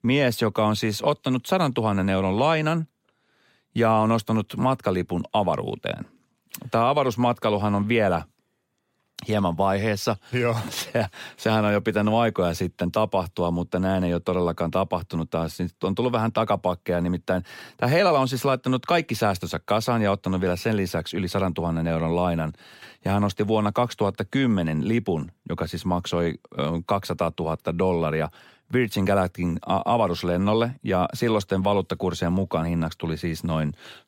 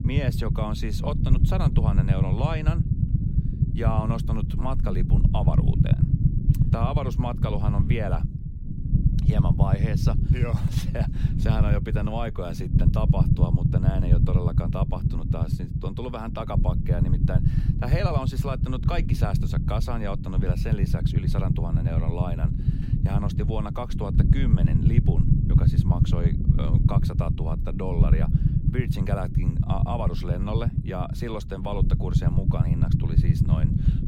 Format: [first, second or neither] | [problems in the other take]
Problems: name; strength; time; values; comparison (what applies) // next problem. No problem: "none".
first | low rumble; loud; throughout; 1 dB below the speech